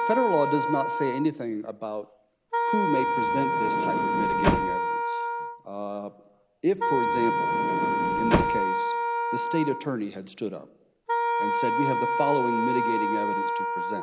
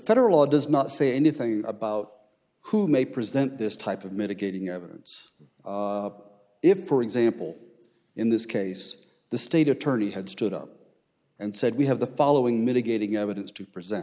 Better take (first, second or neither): second